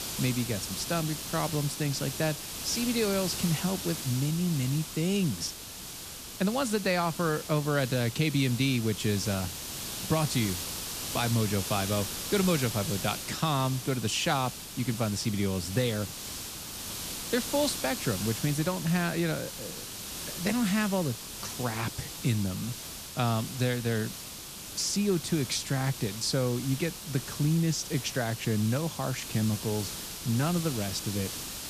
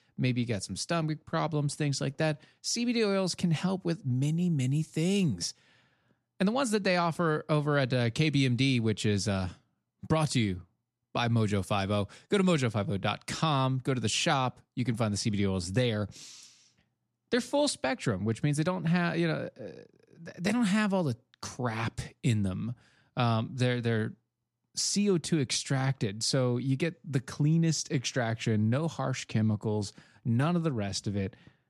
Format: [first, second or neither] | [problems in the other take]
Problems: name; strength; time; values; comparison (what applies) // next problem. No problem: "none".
second | hiss; loud; throughout; 6 dB below the speech